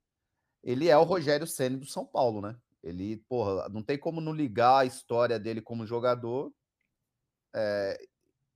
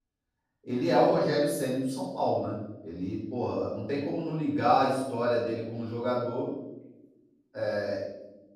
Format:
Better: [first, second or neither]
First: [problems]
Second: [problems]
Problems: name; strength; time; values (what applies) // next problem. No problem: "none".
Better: first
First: none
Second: room echo; noticeable; dies away in 0.8 s // off-mic speech; far